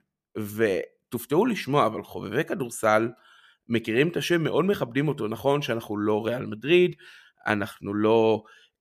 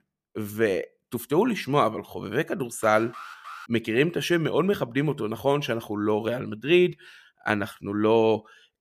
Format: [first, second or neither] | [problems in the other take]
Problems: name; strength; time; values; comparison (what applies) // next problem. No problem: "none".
first | alarm; faint; at 3 s; peak 15 dB below the speech